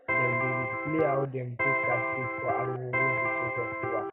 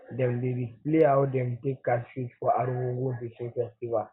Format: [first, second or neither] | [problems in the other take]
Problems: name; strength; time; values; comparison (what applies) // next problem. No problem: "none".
second | background sound (Electric guitar); 4 dB above the speech